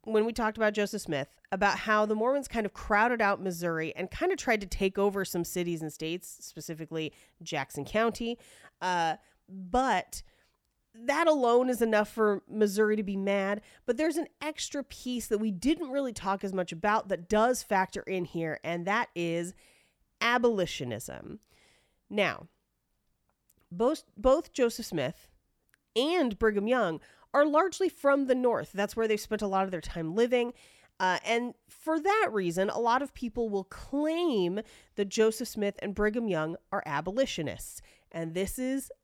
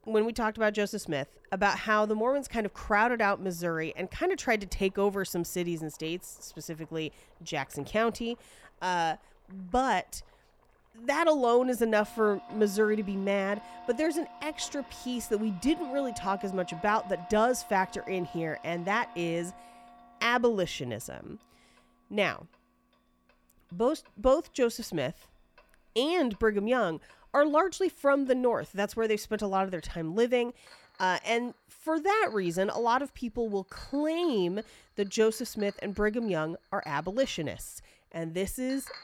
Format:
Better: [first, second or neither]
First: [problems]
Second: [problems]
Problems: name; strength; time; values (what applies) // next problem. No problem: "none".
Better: first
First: none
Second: household noises; faint; throughout; 20 dB below the speech